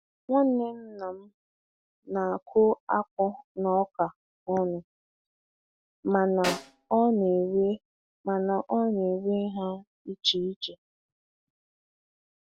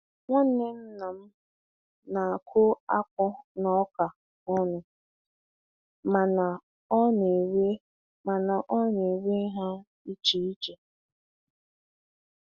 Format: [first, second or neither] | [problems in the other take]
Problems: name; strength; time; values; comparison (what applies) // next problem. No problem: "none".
second | background sound (Snare drum); 9 dB below the speech